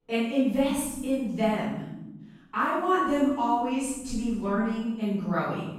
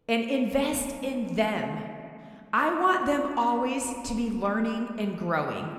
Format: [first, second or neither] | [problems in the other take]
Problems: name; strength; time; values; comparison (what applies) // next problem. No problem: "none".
second | room echo; strong; dies away in 1 s; slight in the second // off-mic speech; far